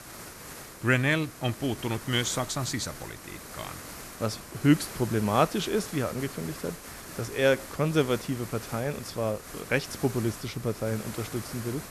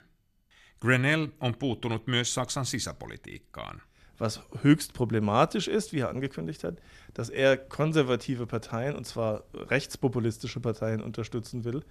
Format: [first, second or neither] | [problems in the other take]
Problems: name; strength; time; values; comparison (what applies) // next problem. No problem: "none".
second | hiss; noticeable; throughout; 10 dB below the speech